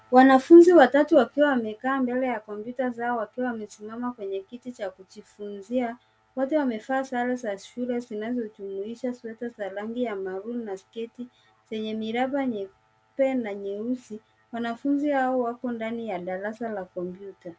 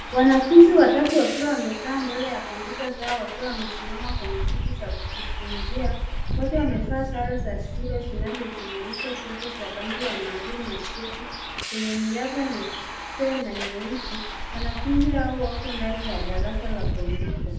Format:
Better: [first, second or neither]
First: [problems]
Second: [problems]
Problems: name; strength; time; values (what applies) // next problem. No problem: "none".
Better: first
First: none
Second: background sound (Bus); 4 dB below the speech // room echo; dies away in 0.8 s